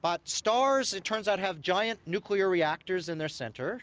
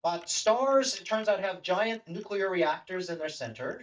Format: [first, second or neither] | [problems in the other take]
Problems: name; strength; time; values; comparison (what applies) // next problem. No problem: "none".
first | noise reduction (neural mask model DeepFilterNet 3)